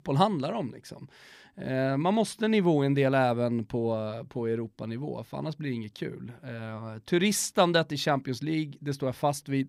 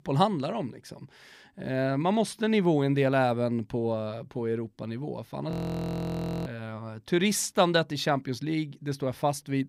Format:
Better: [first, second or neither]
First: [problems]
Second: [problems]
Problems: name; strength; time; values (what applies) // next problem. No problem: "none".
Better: first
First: none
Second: audio freezing; at 5.5 s for 1 s